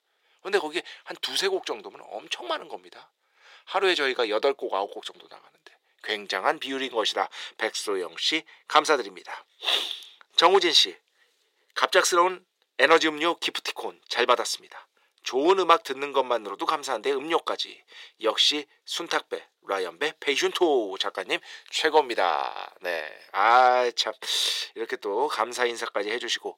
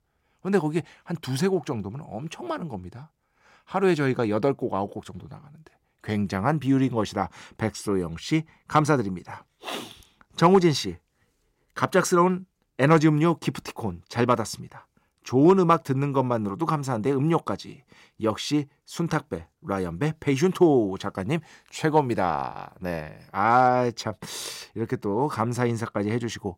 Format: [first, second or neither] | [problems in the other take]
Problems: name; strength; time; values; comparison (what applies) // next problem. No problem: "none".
second | thin; very; fading below 450 Hz